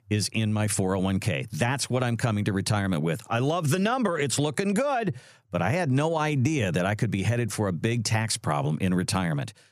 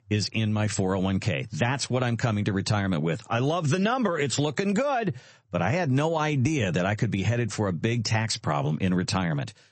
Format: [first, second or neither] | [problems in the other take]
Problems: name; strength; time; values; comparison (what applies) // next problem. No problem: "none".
first | garbled, watery; slightly; nothing above 8 kHz